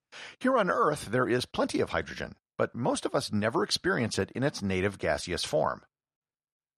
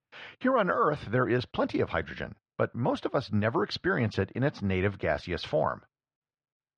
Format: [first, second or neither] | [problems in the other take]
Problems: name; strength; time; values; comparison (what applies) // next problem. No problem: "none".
first | muffled; slightly; fading above 3.5 kHz